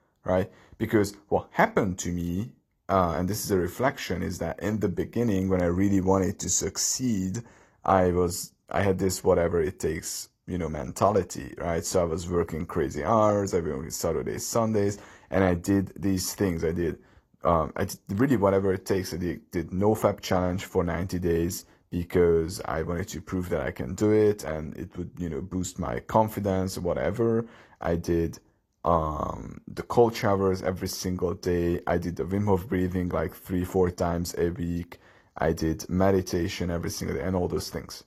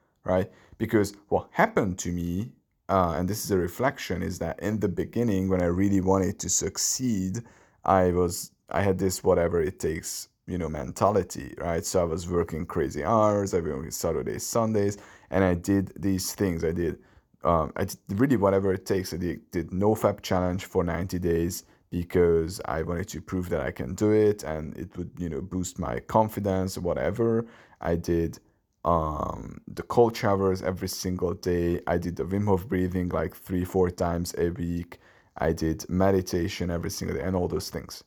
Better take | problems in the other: second | garbled, watery; slightly

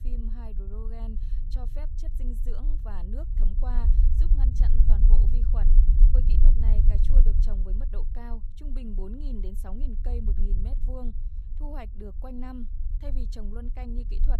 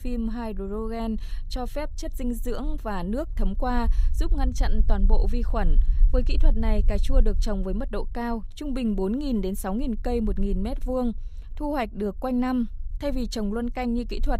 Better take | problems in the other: second | low rumble; loud; throughout; 3 dB below the speech; faint in the second

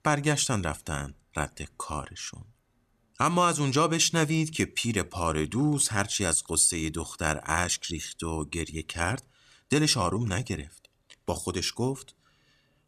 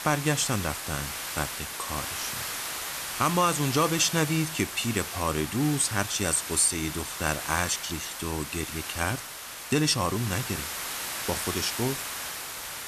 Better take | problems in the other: first | hiss; loud; throughout; 5 dB below the speech

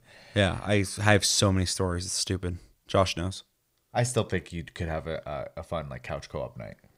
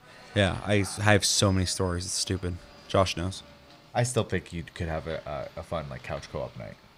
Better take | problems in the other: first | traffic noise; faint; throughout; 20 dB below the speech

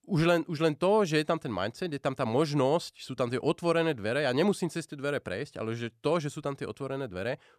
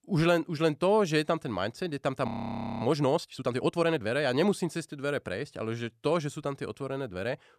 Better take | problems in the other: first | audio freezing; at 2.5 s for 0.5 s

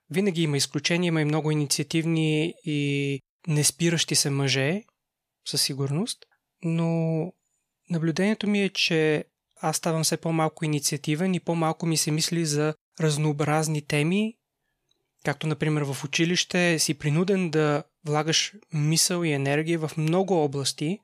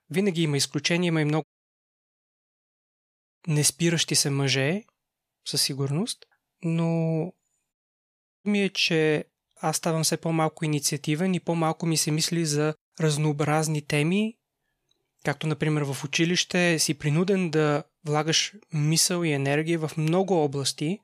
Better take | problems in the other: first | audio cutting out; at 1.5 s for 2 s and at 7.5 s for 0.5 s

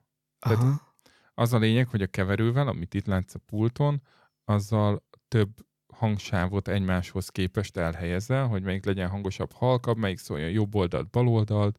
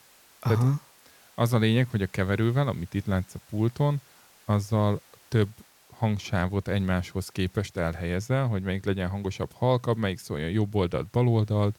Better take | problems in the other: first | hiss; faint; throughout; 30 dB below the speech

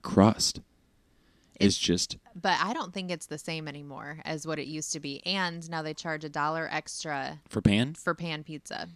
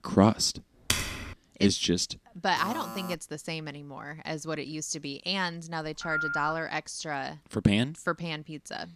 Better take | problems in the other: first | keyboard typing; loud; at 1 s; peak 1 dB above the speech // alarm; noticeable; at 2.5 s; peak 9 dB below the speech // phone ringing; noticeable; at 6 s; peak level with the speech

